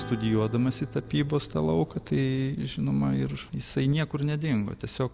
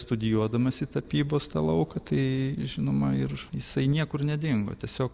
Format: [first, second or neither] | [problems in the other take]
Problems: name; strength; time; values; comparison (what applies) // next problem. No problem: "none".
second | background sound (Acoustic guitar / Strum); 19 dB below the speech